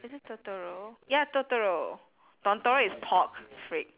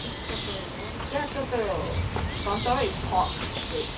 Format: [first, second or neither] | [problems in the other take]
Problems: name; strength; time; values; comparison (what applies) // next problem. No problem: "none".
first | background sound (Bird); 1 dB below the speech // room echo; dies away in 0.3 s